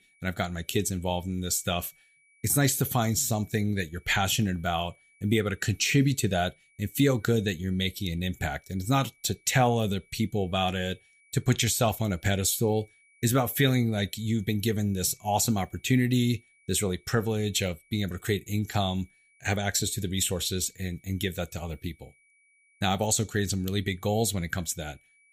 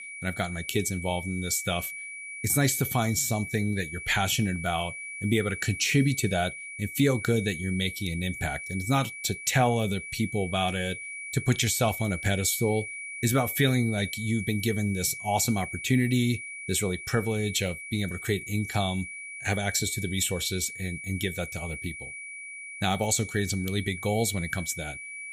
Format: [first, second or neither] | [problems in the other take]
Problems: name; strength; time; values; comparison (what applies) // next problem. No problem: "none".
first | high-pitched whine; loud; throughout; 2.5 kHz, 9 dB below the speech; faint in the first